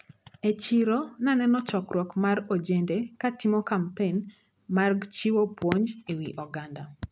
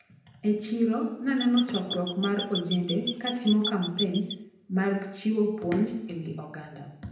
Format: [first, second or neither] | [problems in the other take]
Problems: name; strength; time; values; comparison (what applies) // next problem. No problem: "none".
first | background sound (Squeak / Chirp, tweet); 8 dB below the speech // room echo; dies away in 0.8 s